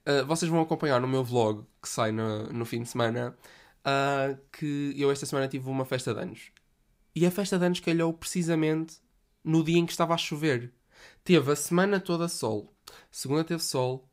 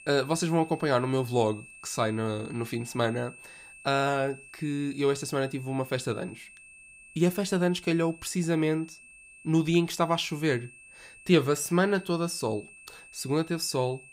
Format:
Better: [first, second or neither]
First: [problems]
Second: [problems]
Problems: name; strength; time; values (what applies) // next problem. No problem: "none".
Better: first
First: none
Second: high-pitched whine; noticeable; throughout; 2.5 kHz, 20 dB below the speech